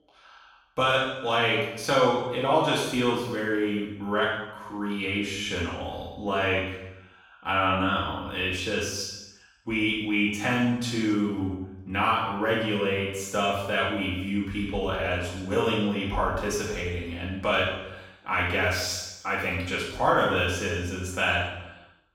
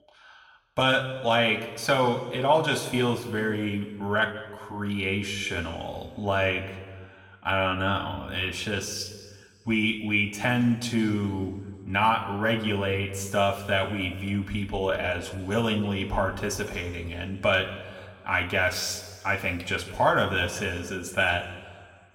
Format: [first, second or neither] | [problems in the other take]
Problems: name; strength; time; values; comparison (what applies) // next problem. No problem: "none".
second | room echo; strong; dies away in 0.9 s; slight in the second // off-mic speech; far